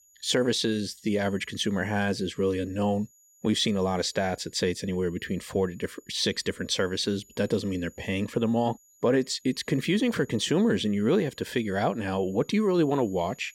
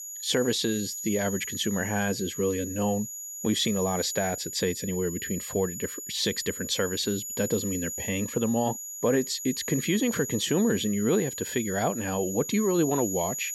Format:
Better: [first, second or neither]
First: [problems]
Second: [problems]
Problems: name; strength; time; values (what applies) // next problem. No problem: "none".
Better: first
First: high-pitched whine; faint; throughout; 7 kHz, 30 dB below the speech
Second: high-pitched whine; loud; throughout; 7 kHz, 6 dB below the speech